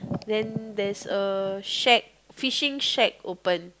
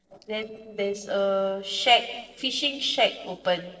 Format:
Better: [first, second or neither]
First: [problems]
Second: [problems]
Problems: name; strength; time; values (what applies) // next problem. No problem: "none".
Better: first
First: none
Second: noise reduction (neural separator model SepFormer DNS4)